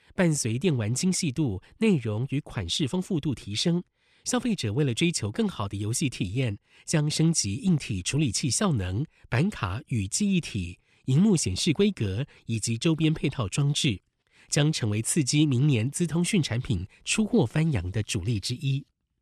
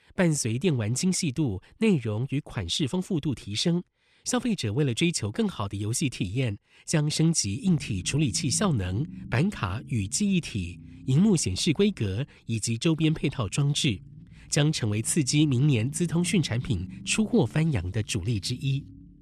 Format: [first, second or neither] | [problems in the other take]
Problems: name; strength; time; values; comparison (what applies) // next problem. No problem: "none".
first | low rumble; faint; from 7.5 s on; 20 dB below the speech